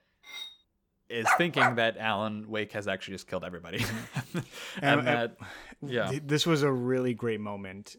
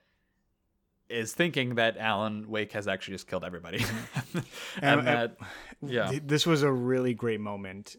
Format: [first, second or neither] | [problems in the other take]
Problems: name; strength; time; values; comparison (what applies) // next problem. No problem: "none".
second | clattering dishes; faint; at 0.5 s; peak 10 dB below the speech // dog barking; loud; at 1.5 s; peak 6 dB above the speech